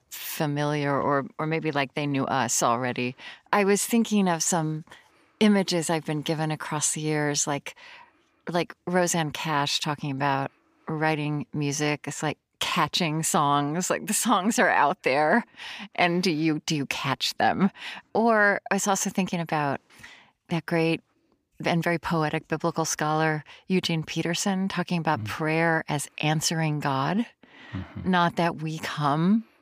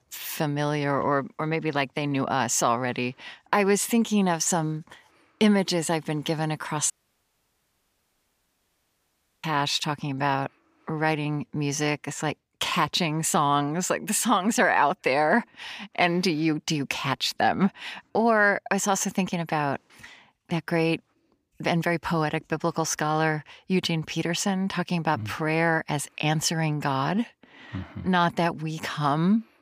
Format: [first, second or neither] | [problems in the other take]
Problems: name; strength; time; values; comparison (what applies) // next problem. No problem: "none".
first | audio cutting out; at 7 s for 2.5 s